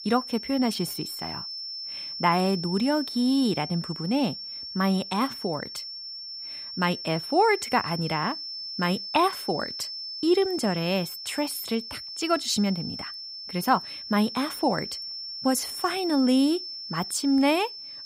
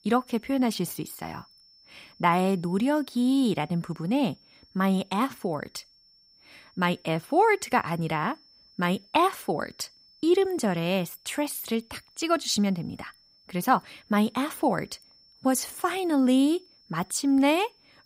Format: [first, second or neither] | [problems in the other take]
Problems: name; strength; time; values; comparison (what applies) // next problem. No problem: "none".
second | high-pitched whine; loud; throughout; 5.5 kHz, 8 dB below the speech; faint in the second